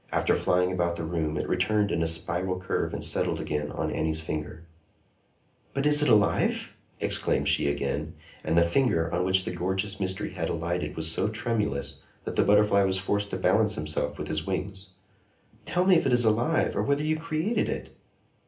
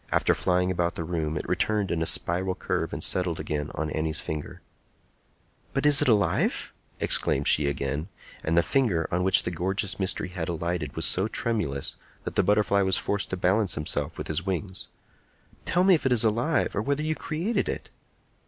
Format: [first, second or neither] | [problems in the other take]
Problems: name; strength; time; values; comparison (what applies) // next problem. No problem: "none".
second | room echo; dies away in 0.3 s